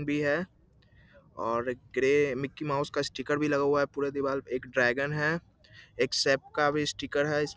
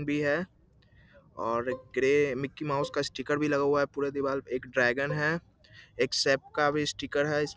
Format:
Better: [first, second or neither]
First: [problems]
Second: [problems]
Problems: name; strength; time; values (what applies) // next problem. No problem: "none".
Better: first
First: none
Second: background sound (Bowed string instrument); 16 dB below the speech